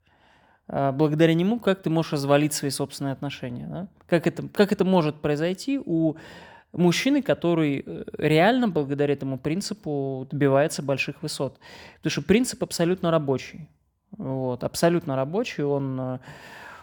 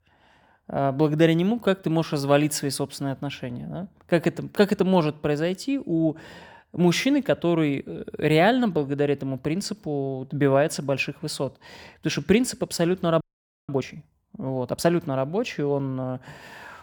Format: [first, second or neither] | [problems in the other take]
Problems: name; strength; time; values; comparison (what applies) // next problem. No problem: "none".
first | audio freezing; at 13 s